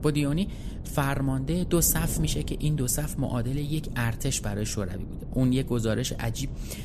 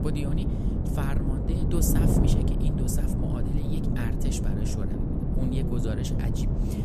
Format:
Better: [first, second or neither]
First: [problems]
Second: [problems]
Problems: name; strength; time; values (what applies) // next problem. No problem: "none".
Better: first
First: wind noise on the microphone; occasional gusts; 15 dB below the speech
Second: wind noise on the microphone; heavy; 3 dB above the speech